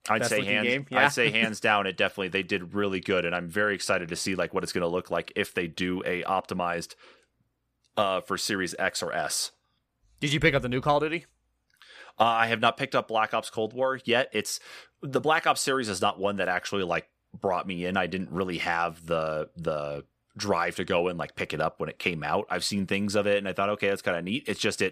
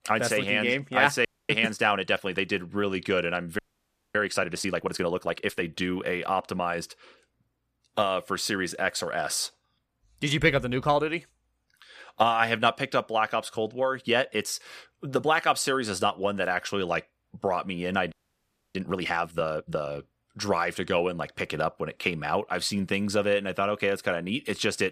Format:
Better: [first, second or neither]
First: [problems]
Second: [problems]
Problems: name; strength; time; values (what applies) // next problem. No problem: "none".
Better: first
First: none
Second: audio freezing; at 1.5 s, at 3.5 s for 0.5 s and at 18 s for 0.5 s